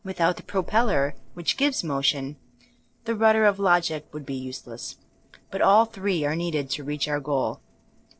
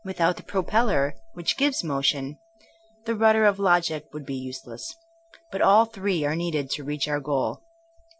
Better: second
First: noise reduction (neural separator model SepFormer DNS4)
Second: none

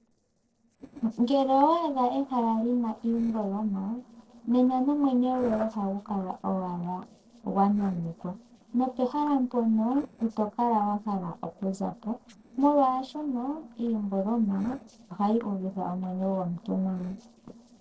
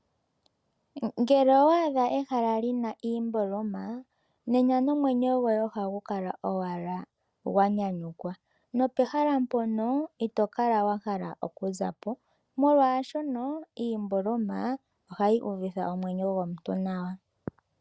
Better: second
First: noise reduction (neural separator model SepFormer DNS4)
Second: none

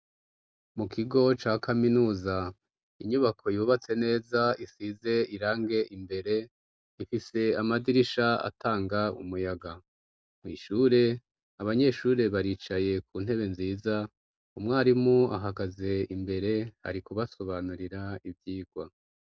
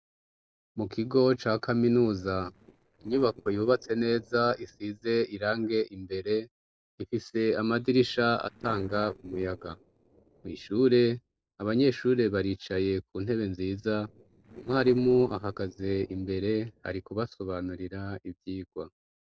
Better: first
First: none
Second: noise reduction (neural separator model SepFormer DNS4)

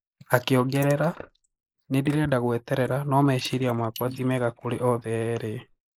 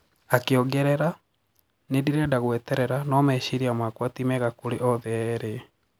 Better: second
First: noise reduction (neural mask model Resemble Enhance denoiser)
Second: none

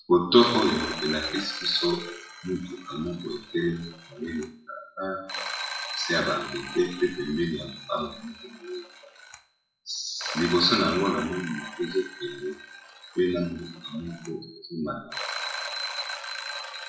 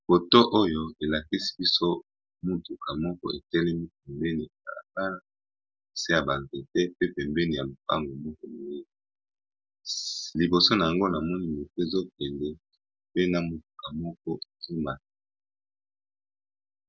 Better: second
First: noise reduction (classical method WPE with log-MMSE)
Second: none

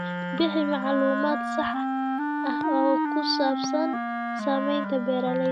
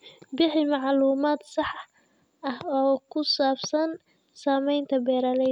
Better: second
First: background sound (Wind instrument, woodwind instrument); 1 dB below the speech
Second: none

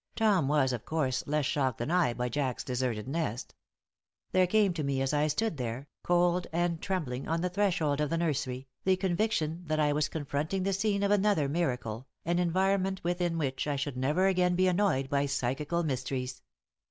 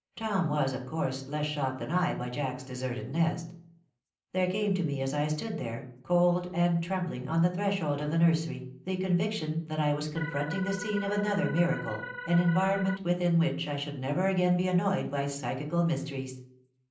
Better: first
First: none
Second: background sound (Organ); 10 dB below the speech // room echo; dies away in 0.6 s

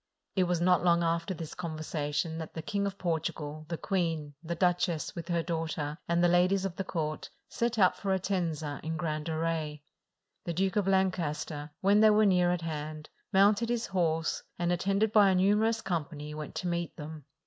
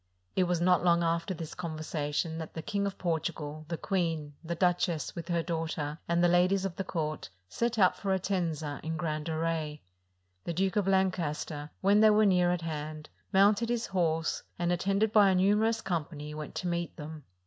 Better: second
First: noise reduction (neural mask model Resemble Enhance denoiser)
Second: none

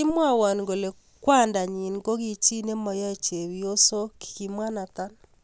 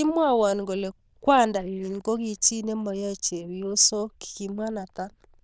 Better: first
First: none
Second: noise reduction (neural diffusion model UNIVERSE++)

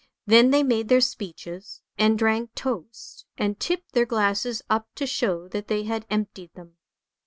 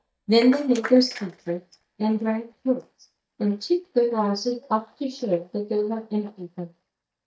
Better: first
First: none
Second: noise reduction (neural mask model DeepFilterNet 3)

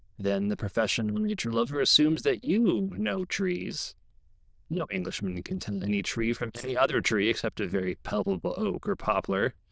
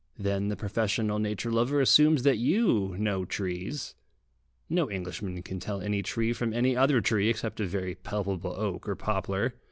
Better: second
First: noise reduction (neural diffusion model UNIVERSE++)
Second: none

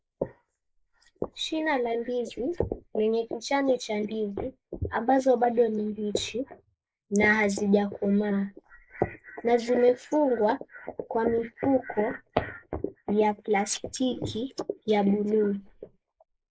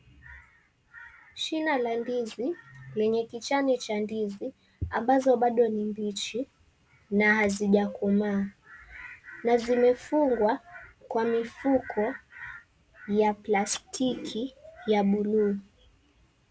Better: second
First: noise reduction (neural mask model Resemble Enhance denoiser)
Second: none

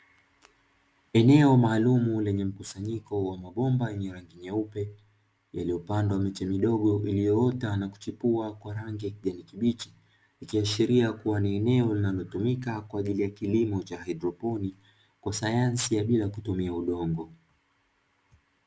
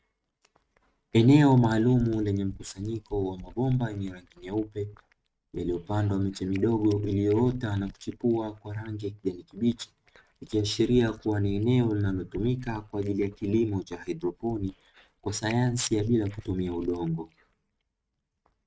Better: first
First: none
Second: noise reduction (neural mask model RNNoise)

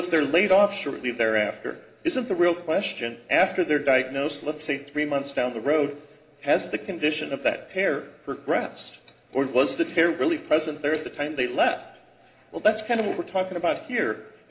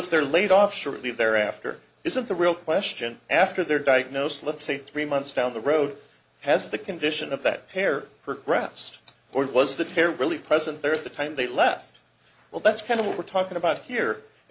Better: second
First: room echo; dies away in 2.1 s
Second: none

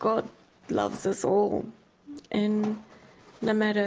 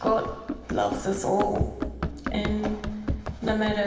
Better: first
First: none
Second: background sound (Run); 4 dB below the speech // room echo; dies away in 1.4 s

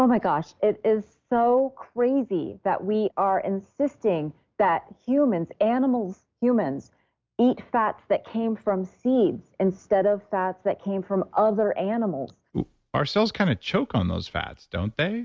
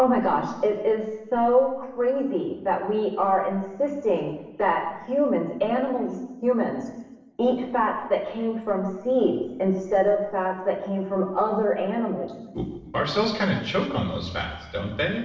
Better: first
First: none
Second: room echo; dies away in 1 s

